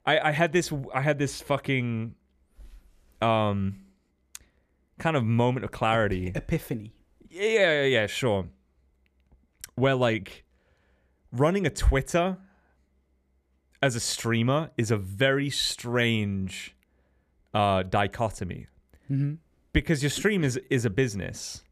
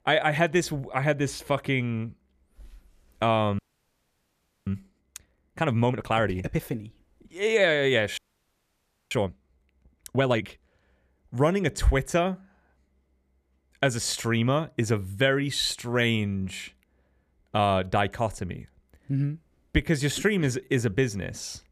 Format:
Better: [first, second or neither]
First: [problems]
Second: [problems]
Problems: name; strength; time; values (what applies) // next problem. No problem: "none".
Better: first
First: none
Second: audio freezing; at 3.5 s for 1 s and at 8 s for 1 s